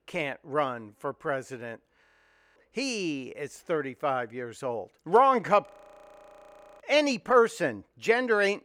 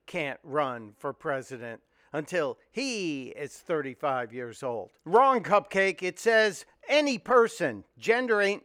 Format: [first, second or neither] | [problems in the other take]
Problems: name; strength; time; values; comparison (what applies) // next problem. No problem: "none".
second | audio freezing; at 2 s for 0.5 s and at 5.5 s for 1 s